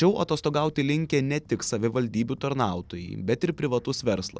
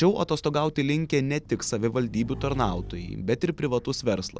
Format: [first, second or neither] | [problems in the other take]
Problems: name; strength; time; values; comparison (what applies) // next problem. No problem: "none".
first | background sound (Motorcycle / Engine); 16 dB below the speech